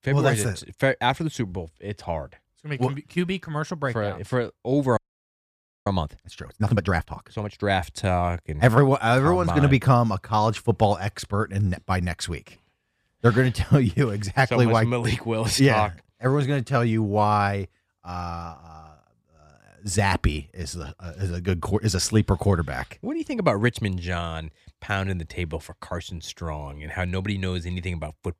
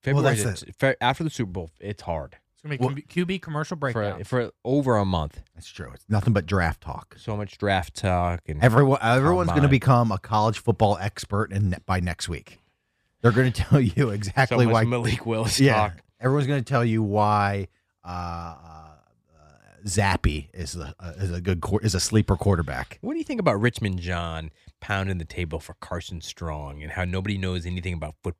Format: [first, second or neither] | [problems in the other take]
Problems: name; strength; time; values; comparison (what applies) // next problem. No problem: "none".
second | audio freezing; at 5 s for 1 s